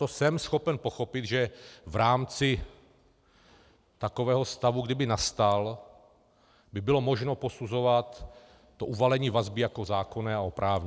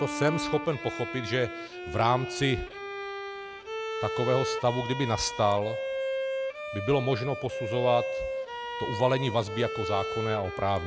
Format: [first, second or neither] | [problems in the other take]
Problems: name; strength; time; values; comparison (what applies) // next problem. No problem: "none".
first | background sound (Bowed string instrument); 5 dB below the speech